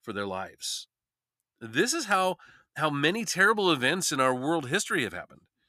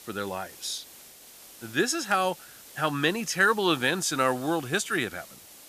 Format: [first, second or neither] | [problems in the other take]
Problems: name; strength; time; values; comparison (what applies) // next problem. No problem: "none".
first | hiss; noticeable; throughout; 20 dB below the speech